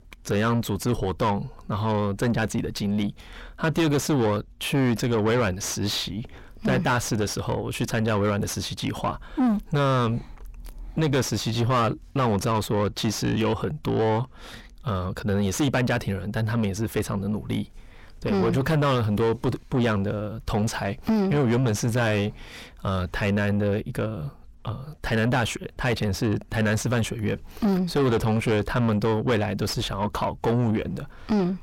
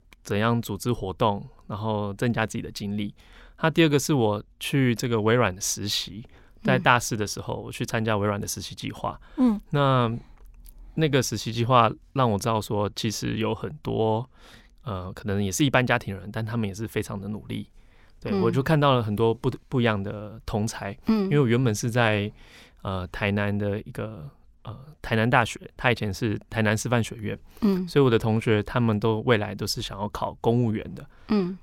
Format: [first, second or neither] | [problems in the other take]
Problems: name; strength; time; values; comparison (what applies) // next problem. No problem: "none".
second | distortion; heavy; 6 dB below the speech